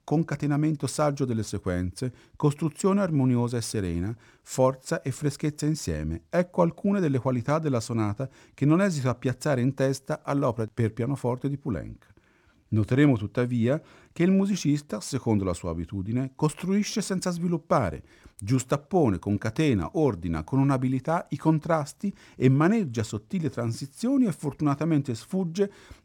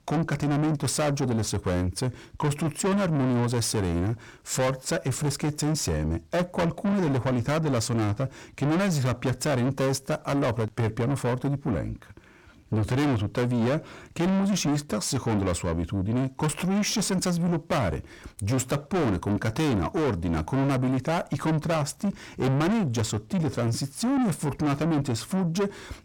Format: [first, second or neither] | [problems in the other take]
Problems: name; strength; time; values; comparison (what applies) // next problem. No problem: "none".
first | distortion; heavy; 6 dB below the speech